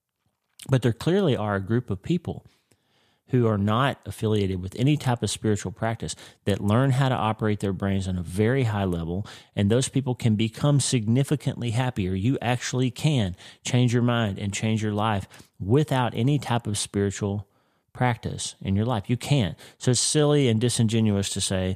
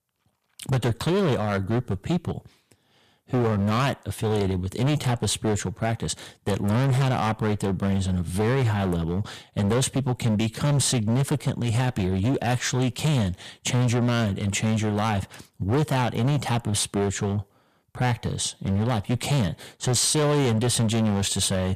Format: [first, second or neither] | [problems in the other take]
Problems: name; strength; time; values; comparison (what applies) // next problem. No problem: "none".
first | distortion; heavy; 17% of the sound clipped